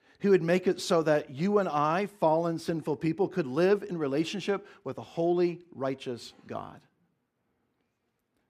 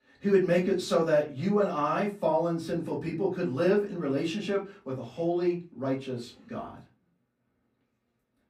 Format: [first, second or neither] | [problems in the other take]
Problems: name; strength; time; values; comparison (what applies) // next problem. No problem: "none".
first | off-mic speech; far // room echo; very slight; dies away in 0.2 s